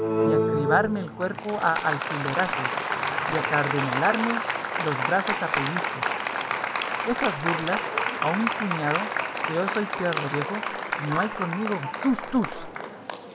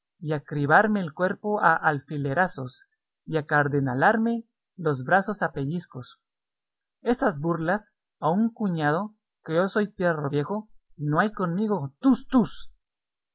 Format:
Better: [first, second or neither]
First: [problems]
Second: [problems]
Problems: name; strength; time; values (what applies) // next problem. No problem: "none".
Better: second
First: background sound (Applause); 1 dB above the speech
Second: none